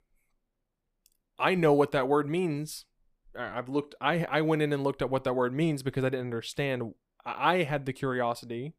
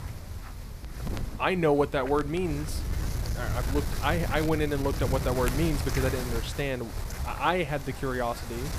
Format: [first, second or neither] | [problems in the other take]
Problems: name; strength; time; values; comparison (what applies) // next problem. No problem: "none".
first | wind noise on the microphone; occasional gusts; 10 dB below the speech